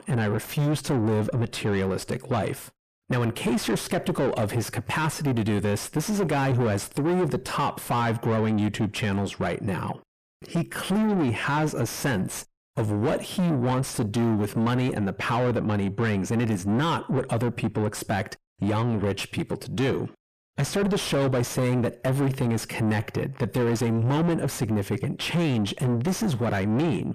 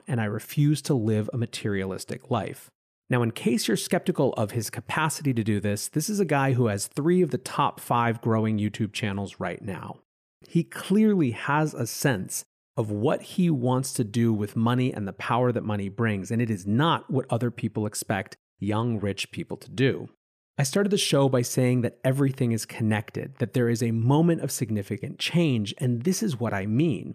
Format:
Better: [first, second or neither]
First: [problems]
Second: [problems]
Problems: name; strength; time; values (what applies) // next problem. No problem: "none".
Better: second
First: distortion; heavy; 6 dB below the speech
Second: none